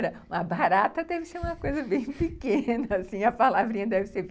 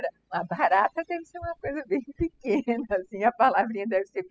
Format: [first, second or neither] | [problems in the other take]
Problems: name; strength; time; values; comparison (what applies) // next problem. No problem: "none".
first | noise reduction (classical method spectral subtraction)